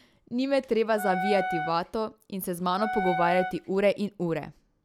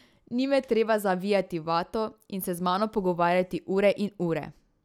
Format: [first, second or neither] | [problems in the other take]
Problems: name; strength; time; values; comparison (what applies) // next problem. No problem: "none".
second | background sound (Wind instrument, woodwind instrument); 5 dB below the speech